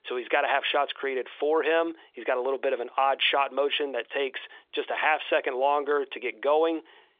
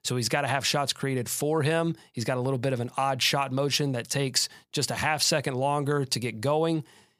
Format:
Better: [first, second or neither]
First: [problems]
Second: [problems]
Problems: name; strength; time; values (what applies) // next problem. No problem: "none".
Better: second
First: phone-call audio; nothing above 3.5 kHz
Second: none